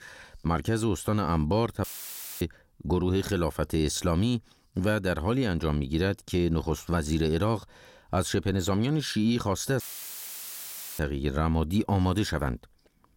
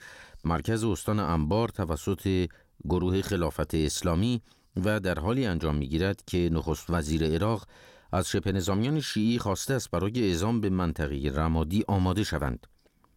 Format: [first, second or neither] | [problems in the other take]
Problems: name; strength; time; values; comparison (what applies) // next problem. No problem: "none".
second | audio cutting out; filled with static; at 2 s for 0.5 s and at 10 s for 1 s